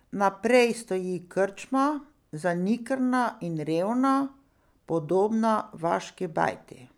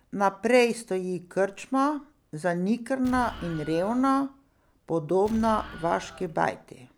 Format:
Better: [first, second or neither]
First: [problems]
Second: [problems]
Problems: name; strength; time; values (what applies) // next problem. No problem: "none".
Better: first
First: none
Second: background sound (Explosion); 15 dB below the speech